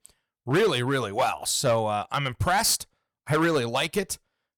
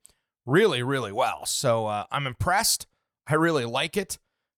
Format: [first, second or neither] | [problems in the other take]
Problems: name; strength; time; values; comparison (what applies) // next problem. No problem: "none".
second | distortion; slight; 5% of the sound clipped